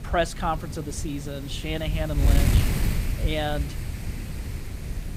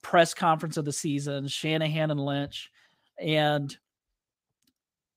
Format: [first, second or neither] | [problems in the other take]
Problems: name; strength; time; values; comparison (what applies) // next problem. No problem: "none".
second | wind noise on the microphone; heavy; 7 dB below the speech